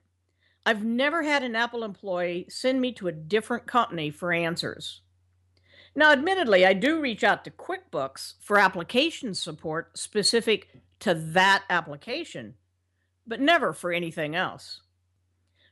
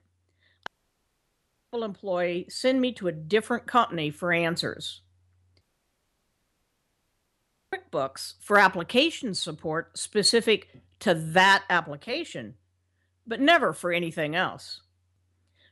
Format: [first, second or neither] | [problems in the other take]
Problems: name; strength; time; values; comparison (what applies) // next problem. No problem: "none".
first | audio cutting out; at 0.5 s for 1 s and at 5.5 s for 2 s